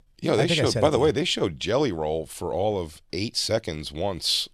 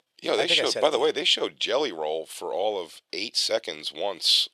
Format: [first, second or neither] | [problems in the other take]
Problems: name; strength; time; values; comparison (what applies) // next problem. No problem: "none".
first | thin; somewhat; fading below 500 Hz